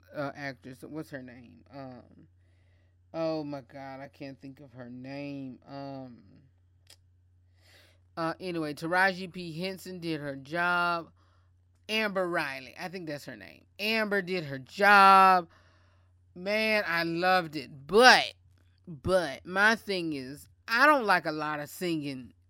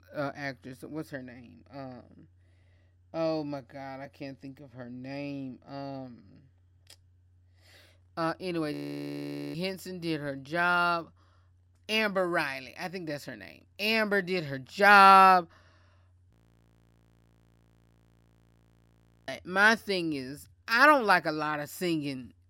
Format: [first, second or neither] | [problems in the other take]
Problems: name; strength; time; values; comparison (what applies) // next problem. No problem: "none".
first | audio freezing; at 8.5 s for 1 s and at 16 s for 3 s